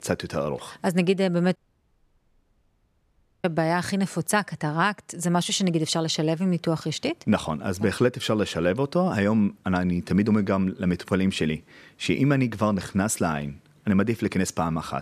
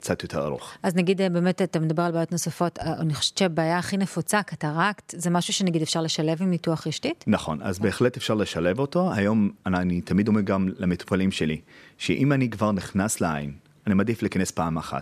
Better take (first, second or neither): second